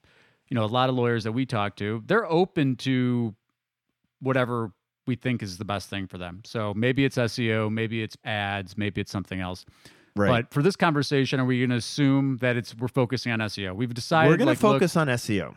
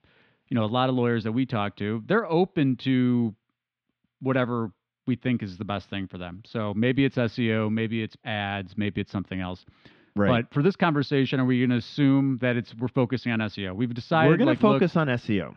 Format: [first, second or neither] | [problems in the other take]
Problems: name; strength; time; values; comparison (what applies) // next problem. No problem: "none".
first | muffled; slightly; fading above 3.5 kHz